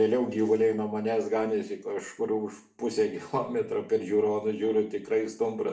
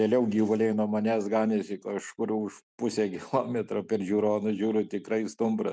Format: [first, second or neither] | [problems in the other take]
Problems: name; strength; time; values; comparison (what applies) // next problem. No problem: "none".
second | room echo; dies away in 0.4 s